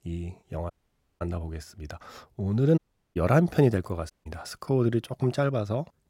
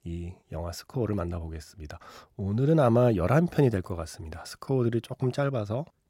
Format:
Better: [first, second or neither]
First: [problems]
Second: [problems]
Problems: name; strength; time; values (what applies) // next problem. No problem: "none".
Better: second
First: audio cutting out; at 0.5 s for 0.5 s, at 3 s and at 4 s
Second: none